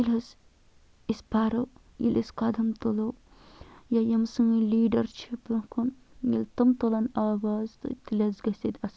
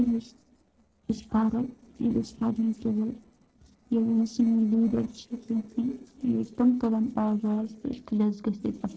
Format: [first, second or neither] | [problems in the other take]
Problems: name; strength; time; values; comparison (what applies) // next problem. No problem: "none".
first | noise reduction (neural separator model SepFormer DNS4)